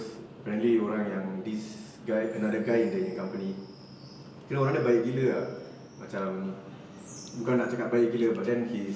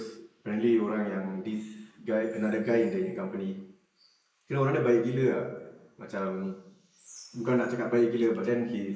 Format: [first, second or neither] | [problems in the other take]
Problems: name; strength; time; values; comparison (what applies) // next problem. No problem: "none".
first | noise reduction (neural mask model Resemble Enhance denoiser)